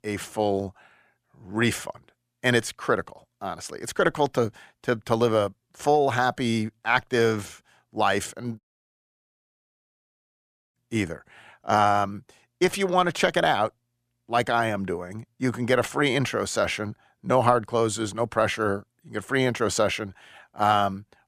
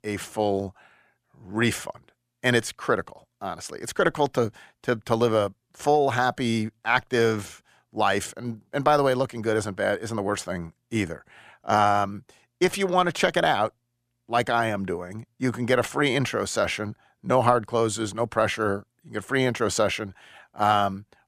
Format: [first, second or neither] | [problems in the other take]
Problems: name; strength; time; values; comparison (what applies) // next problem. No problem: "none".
second | audio cutting out; at 8.5 s for 2 s